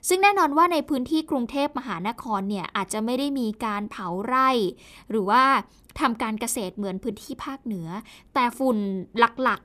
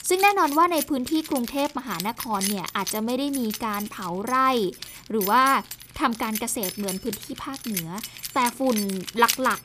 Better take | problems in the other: first | household noises; loud; throughout; 8 dB below the speech

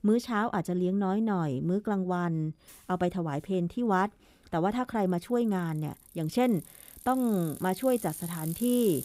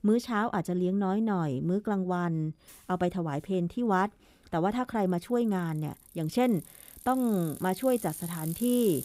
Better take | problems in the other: neither | traffic noise; noticeable; throughout; 15 dB below the speech; the same in both

